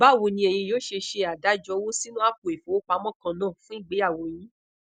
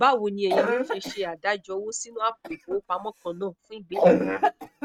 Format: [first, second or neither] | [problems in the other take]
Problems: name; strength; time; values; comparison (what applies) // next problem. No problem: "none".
first | noise reduction (neural mask model RNNoise)